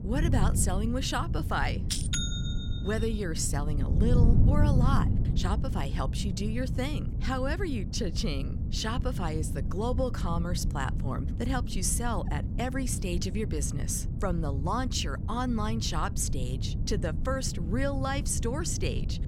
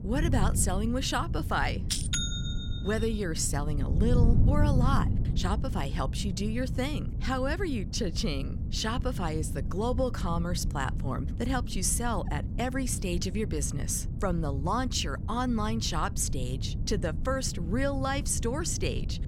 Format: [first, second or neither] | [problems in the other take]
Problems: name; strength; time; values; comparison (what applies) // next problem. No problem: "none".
second | wind noise on the microphone; heavy; 10 dB below the speech; occasional gusts in the second